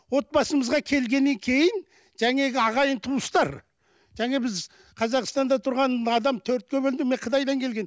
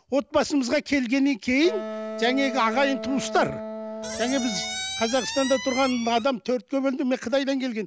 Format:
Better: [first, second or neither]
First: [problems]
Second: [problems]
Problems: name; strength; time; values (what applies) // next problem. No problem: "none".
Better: first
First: none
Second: background sound (Squeak + Wind instrument, woodwind instrument); 8 dB below the speech